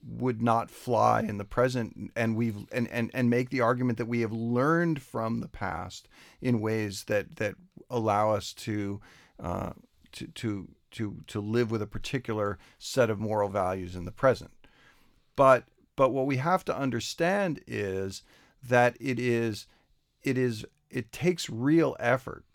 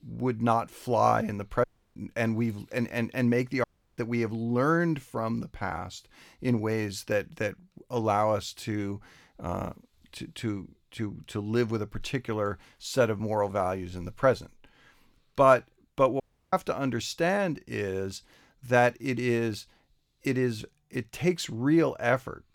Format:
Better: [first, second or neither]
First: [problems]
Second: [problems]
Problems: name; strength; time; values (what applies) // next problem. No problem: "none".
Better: first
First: none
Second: audio cutting out; at 1.5 s, at 3.5 s and at 16 s